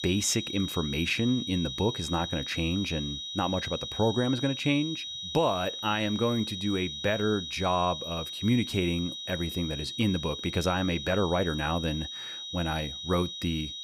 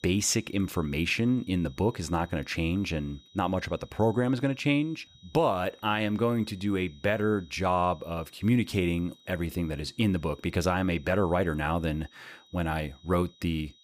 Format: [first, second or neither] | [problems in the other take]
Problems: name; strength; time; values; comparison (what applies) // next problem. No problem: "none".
second | high-pitched whine; loud; throughout; 4 kHz, 6 dB below the speech; faint in the second